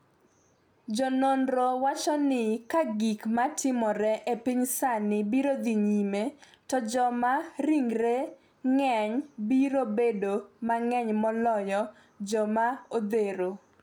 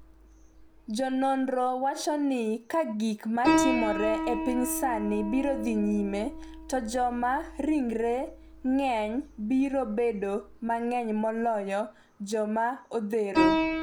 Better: first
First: none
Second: background sound (Piano); 5 dB below the speech

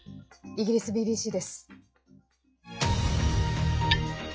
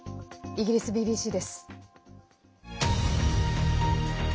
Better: second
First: noise reduction (classical method log-MMSE)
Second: none

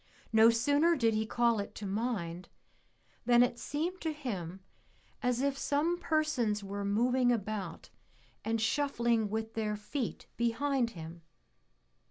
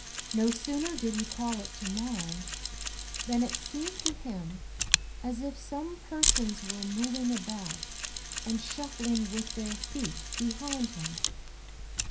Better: first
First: none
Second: background sound (Mechanisms); as loud as the speech // room echo; dies away in 0.4 s

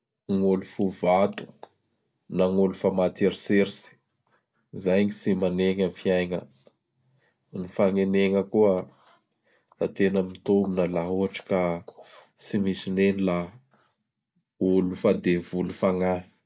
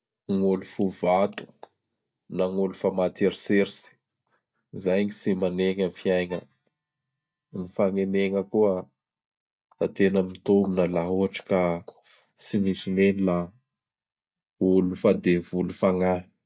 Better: first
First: none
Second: noise reduction (neural mask model DeepFilterNet 3)

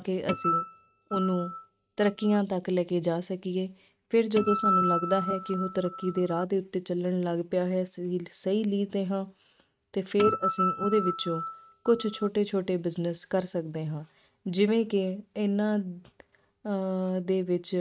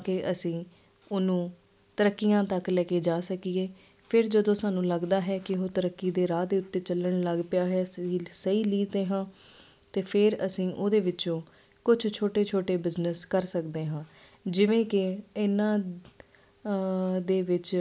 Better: second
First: noise reduction (neural mask model RNNoise)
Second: none

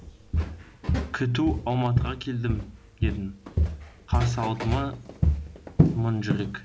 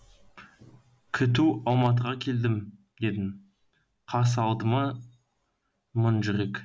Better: second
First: background sound (Walk, footsteps); 1 dB above the speech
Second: none

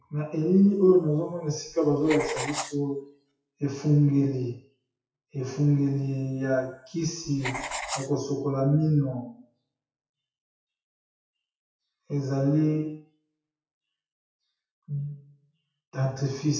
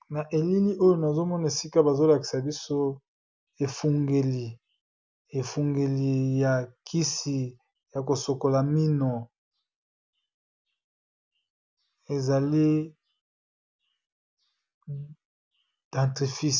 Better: second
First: noise reduction (classical method WPE with log-MMSE)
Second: none

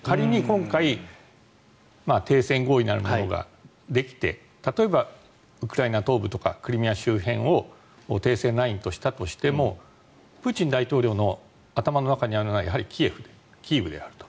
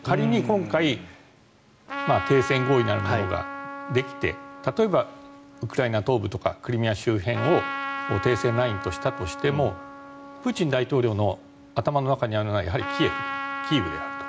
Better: first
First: none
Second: background sound (Trumpet); 10 dB below the speech

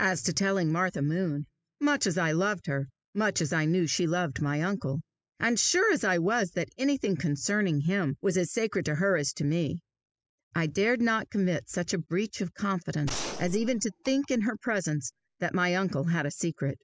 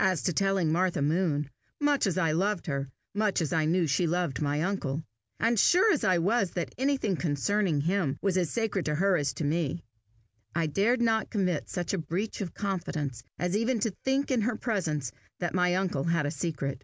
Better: second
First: noise reduction (classical method spectral subtraction)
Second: none

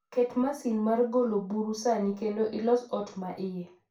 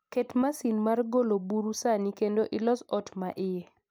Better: second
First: room echo; dies away in 0.3 s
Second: none

